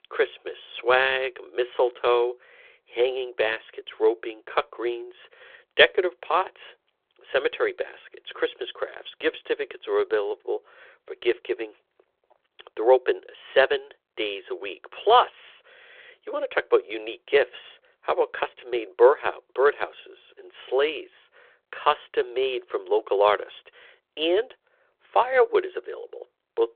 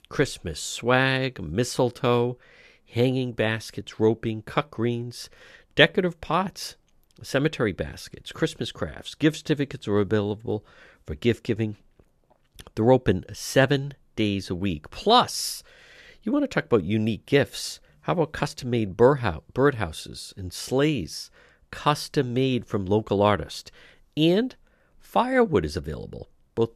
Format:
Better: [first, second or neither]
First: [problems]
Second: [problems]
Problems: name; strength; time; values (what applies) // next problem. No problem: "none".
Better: second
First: phone-call audio; nothing above 3.5 kHz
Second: none